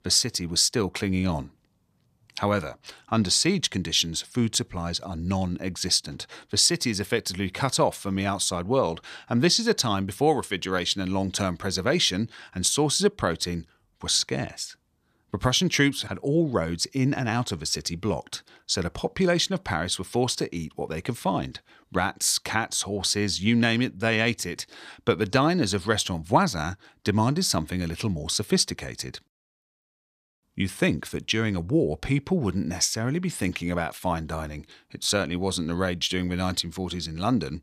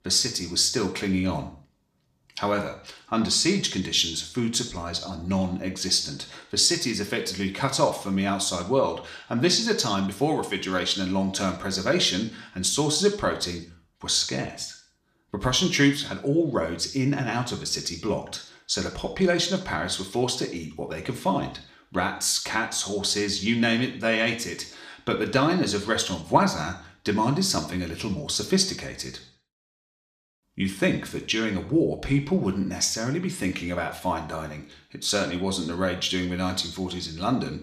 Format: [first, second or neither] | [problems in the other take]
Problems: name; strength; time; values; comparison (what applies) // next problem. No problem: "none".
first | room echo; slight; dies away in 0.5 s